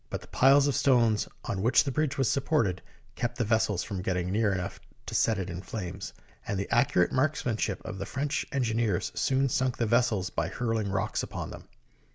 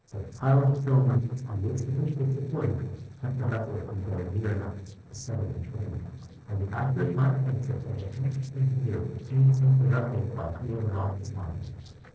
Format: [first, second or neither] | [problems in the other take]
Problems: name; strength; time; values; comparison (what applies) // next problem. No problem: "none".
first | noise reduction (neural separator model SepFormer DNS4)